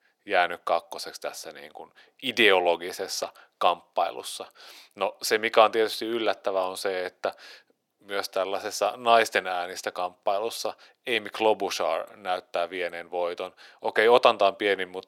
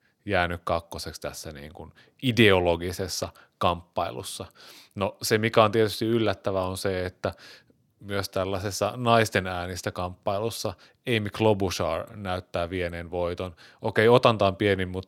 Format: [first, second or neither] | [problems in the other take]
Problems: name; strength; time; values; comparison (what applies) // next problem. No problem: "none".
second | thin; very; fading below 450 Hz